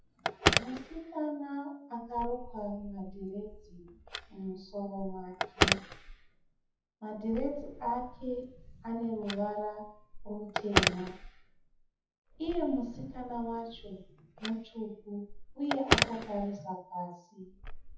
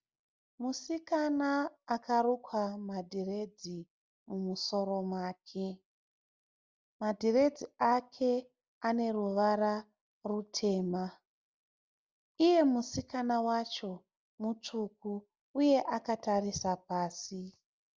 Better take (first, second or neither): second